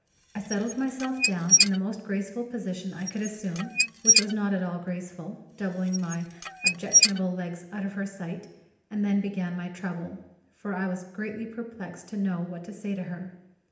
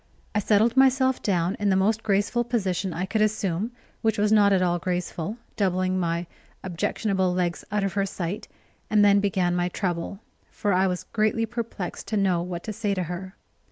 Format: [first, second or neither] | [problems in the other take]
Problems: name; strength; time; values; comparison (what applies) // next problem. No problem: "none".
second | background sound (Squeak / Dishes, pots, and pans); 5 dB above the speech // room echo; dies away in 0.8 s